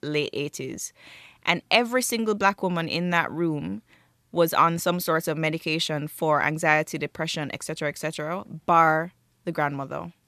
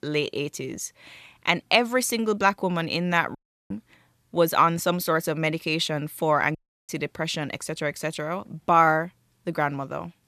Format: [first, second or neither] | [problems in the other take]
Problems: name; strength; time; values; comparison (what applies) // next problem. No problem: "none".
first | audio cutting out; at 3.5 s and at 6.5 s